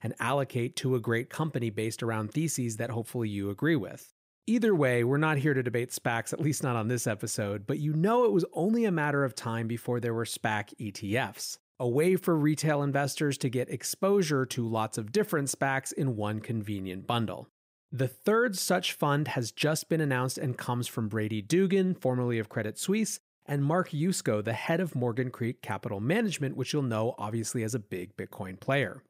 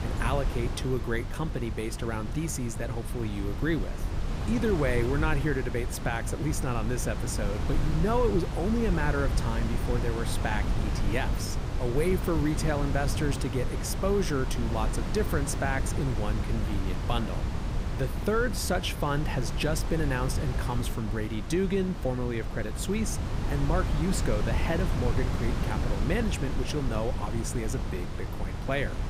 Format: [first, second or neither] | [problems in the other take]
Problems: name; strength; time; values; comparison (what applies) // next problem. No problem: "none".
first | wind noise on the microphone; heavy; 7 dB below the speech